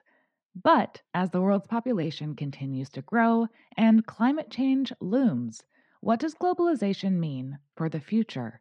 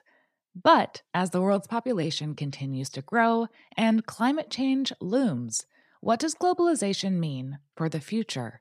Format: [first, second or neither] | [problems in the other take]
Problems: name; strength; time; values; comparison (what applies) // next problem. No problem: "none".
second | muffled; slightly; fading above 3 kHz